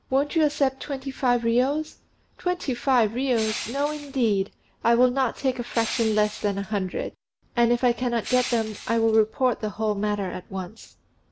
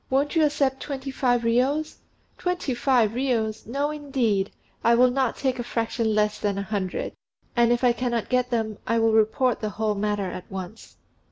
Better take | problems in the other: second | background sound (Crushing); 13 dB below the speech

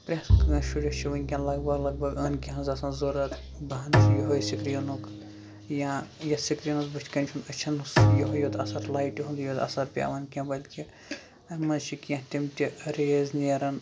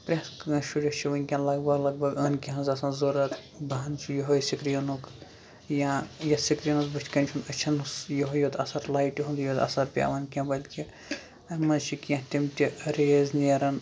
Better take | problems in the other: second | background sound (Bowed string instrument + Bowed string instrument); 1 dB above the speech

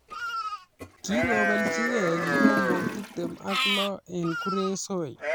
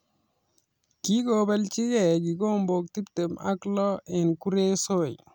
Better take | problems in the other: second | background sound (Livestock, farm animals, working animals + Toilet flush); 3 dB above the speech

